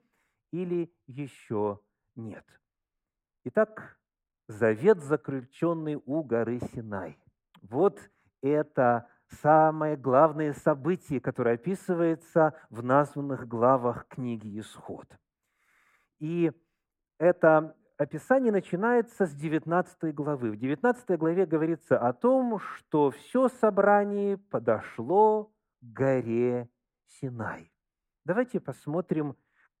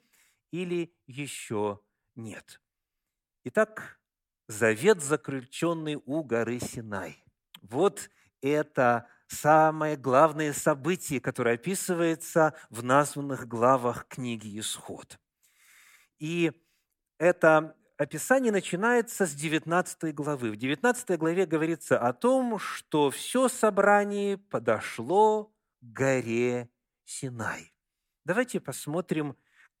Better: second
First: muffled; very; fading above 2 kHz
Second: none

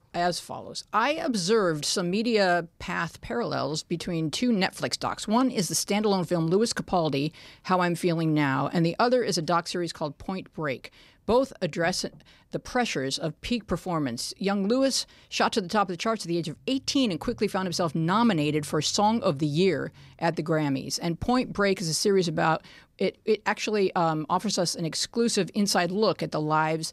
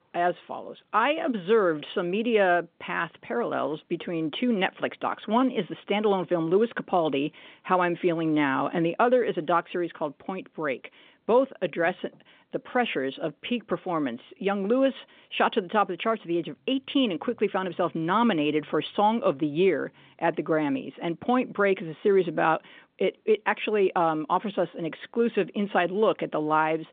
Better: first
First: none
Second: phone-call audio

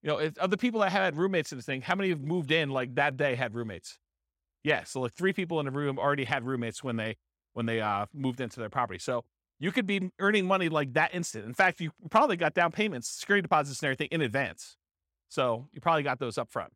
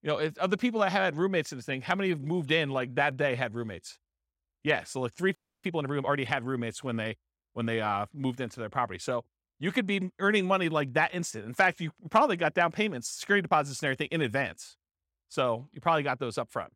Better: first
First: none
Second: audio freezing; at 5.5 s

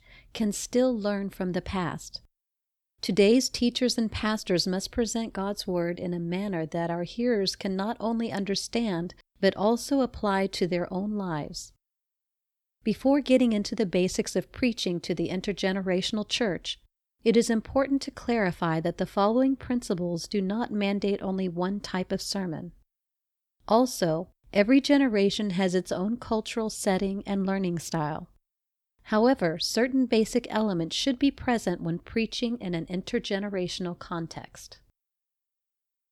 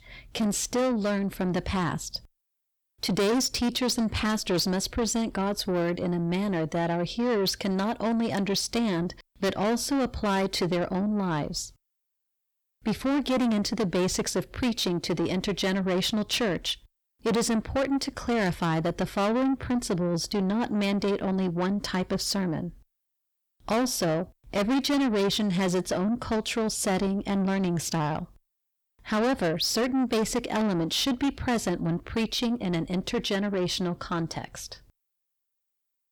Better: first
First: none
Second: distortion; heavy; 7 dB below the speech

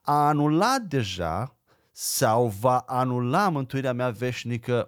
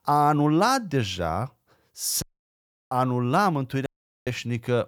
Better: first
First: none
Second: audio cutting out; at 2 s for 0.5 s and at 4 s

